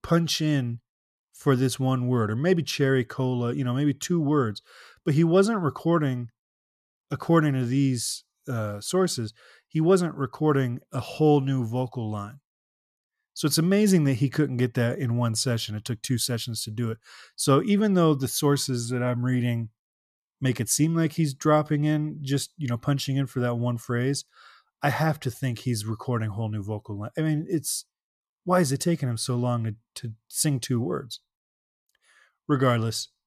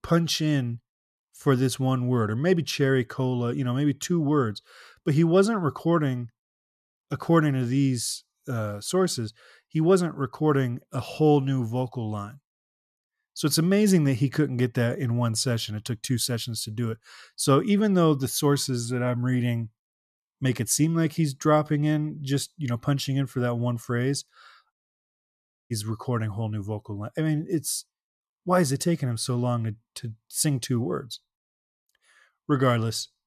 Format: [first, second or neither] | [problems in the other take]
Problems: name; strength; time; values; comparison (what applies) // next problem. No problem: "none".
first | audio cutting out; at 25 s for 1 s